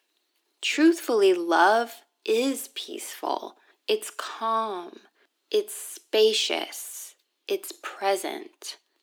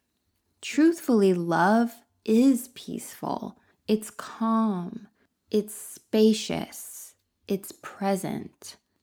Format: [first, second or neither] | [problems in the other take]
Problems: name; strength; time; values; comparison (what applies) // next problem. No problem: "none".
second | thin; very; fading below 350 Hz